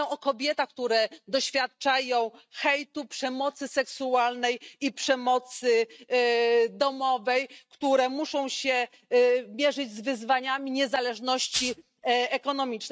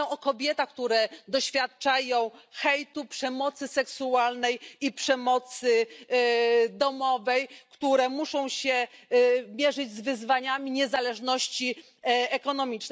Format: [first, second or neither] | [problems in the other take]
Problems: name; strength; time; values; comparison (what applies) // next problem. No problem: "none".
second | noise reduction (neural mask model RNNoise)